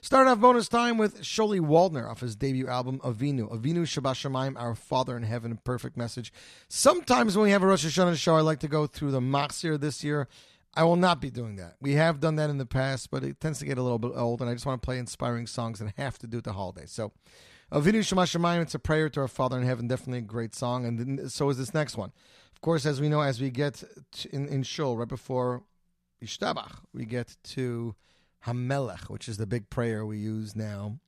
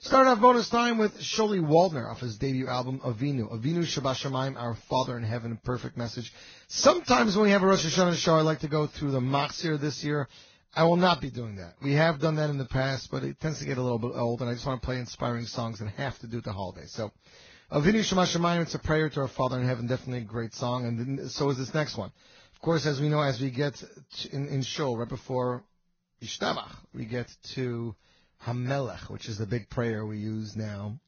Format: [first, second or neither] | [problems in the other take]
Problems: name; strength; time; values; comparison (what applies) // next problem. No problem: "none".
first | garbled, watery; badly; nothing above 6.5 kHz